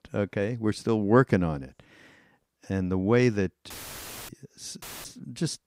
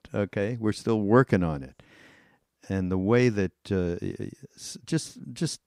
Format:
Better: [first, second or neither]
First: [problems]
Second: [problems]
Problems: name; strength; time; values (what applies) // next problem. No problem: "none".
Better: second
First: audio cutting out; filled with static; at 3.5 s for 0.5 s and at 5 s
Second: none